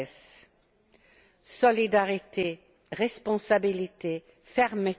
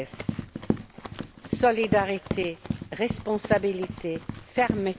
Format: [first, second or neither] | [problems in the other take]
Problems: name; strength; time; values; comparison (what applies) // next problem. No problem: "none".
first | background sound (Run); 5 dB below the speech